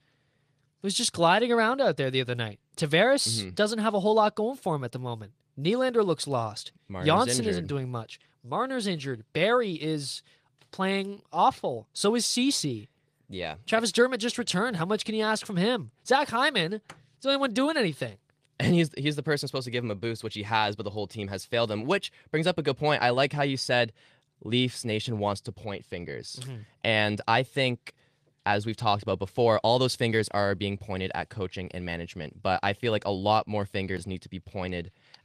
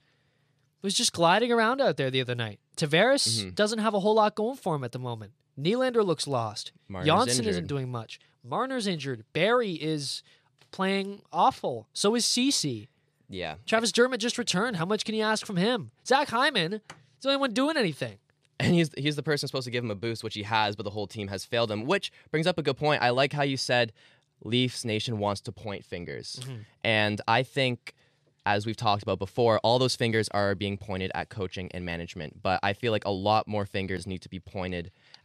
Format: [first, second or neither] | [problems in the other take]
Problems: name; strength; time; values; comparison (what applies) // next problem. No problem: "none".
second | garbled, watery; slightly; nothing above 14.5 kHz